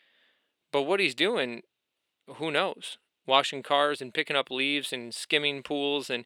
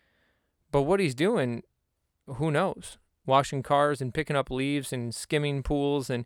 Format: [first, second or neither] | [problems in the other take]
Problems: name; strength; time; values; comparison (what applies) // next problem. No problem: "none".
second | thin; very slightly; fading below 300 Hz